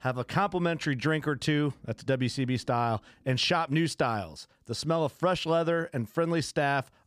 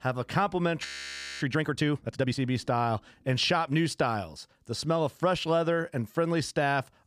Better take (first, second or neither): first